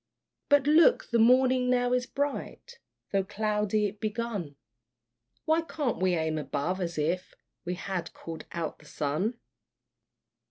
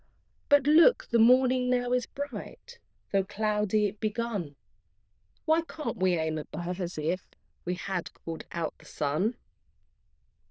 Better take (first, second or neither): first